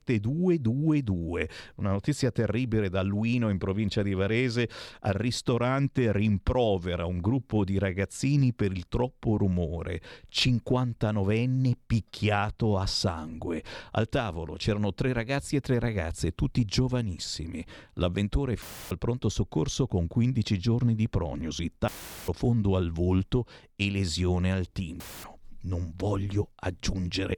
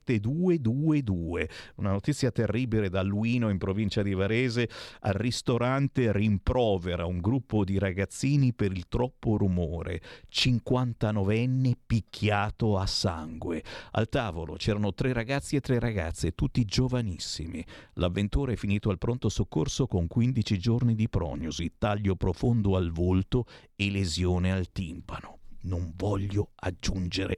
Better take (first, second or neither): second